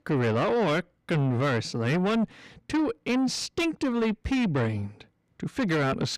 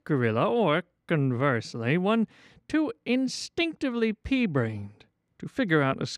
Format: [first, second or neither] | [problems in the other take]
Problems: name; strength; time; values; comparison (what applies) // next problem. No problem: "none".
second | distortion; heavy; 7 dB below the speech